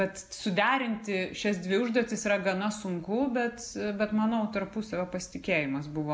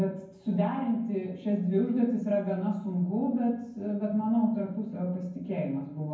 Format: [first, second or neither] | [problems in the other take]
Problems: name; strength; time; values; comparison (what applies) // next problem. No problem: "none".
first | room echo; dies away in 0.9 s